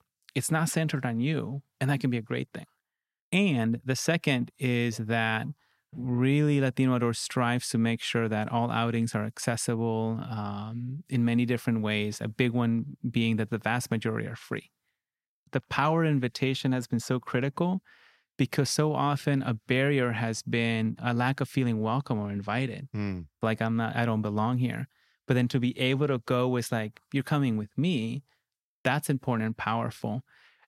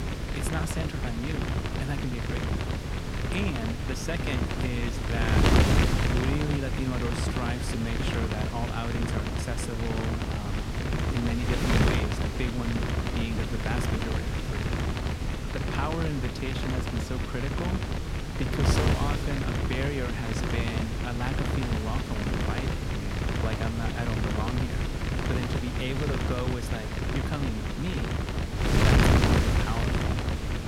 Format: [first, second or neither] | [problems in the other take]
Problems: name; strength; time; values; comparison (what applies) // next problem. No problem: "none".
first | wind noise on the microphone; heavy; 4 dB above the speech